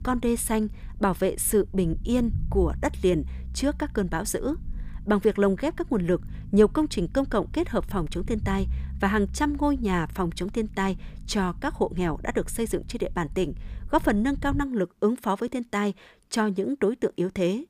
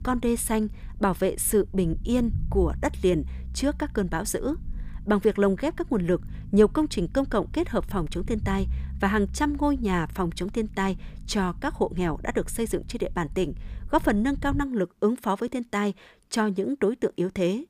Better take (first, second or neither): neither